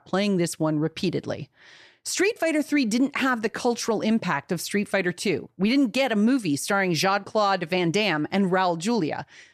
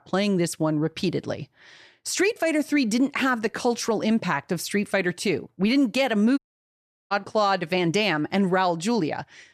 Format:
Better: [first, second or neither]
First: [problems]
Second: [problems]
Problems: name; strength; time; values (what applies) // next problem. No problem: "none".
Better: first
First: none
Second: audio cutting out; at 6.5 s for 0.5 s